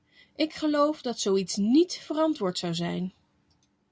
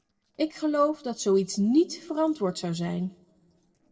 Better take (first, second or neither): first